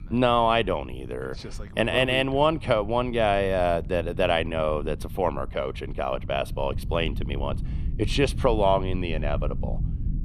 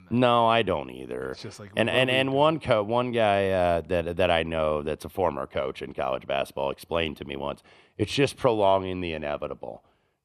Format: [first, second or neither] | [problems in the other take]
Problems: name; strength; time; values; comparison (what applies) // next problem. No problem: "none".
second | low rumble; faint; throughout; 25 dB below the speech